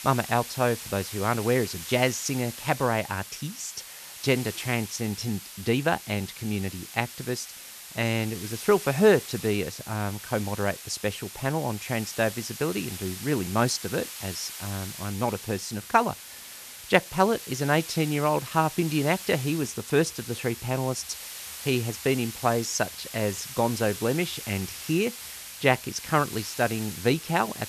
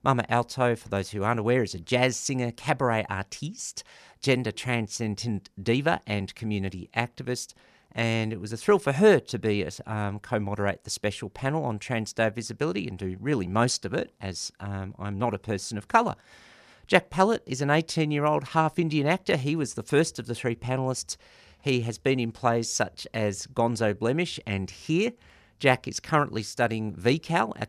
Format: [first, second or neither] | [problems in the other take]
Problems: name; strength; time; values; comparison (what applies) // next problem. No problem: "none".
second | hiss; noticeable; throughout; 10 dB below the speech